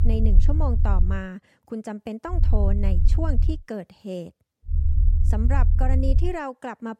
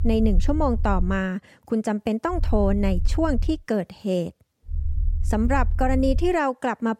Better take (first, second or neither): second